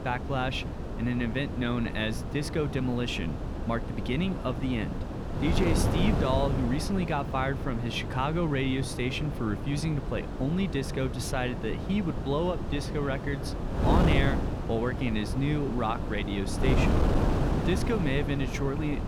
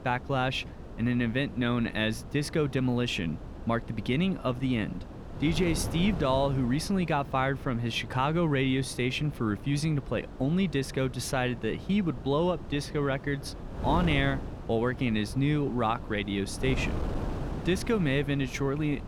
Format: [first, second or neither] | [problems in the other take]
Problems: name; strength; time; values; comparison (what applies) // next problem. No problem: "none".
second | wind noise on the microphone; heavy; 4 dB below the speech; occasional gusts in the second